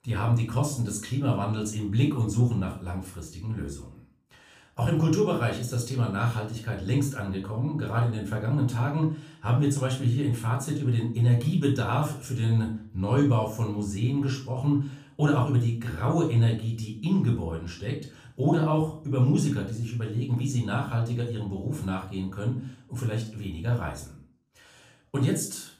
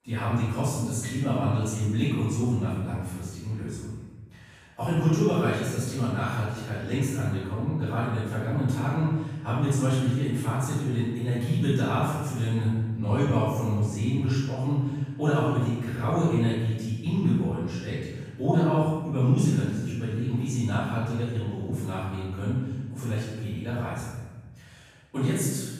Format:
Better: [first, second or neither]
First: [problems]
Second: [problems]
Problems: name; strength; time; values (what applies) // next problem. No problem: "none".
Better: first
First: room echo; slight; dies away in 0.4 s // off-mic speech; somewhat distant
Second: room echo; strong; dies away in 1.3 s // off-mic speech; far